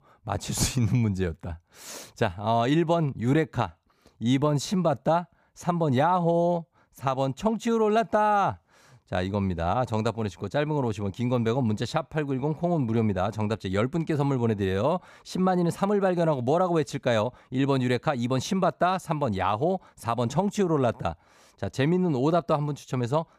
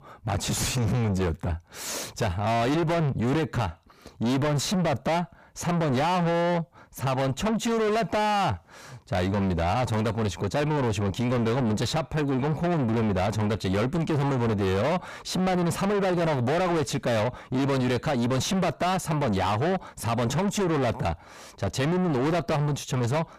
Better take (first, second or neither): first